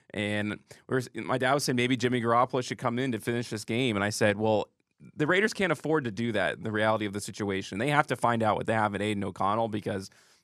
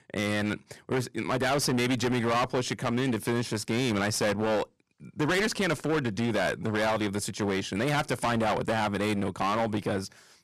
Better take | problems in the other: first | distortion; heavy; 21% of the sound clipped

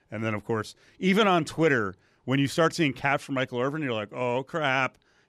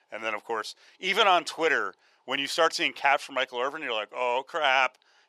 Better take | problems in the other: first | thin; very; fading below 650 Hz

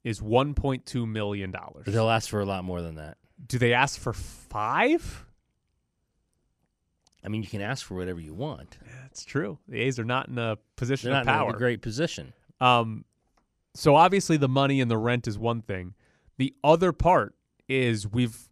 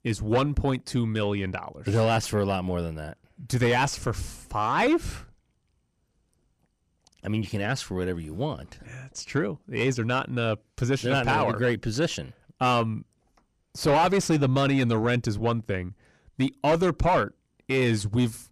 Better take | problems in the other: first | distortion; heavy; 8 dB below the speech

